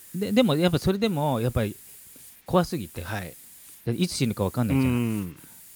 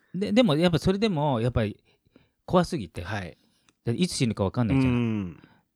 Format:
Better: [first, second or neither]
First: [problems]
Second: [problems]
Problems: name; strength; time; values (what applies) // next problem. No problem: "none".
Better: second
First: hiss; noticeable; throughout; 20 dB below the speech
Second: none